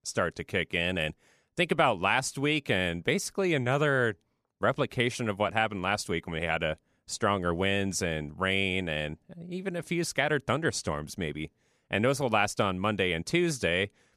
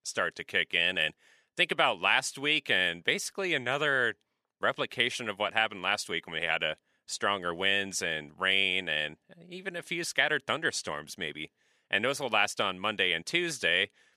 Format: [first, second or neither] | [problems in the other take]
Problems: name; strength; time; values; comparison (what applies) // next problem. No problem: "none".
first | thin; somewhat; fading below 500 Hz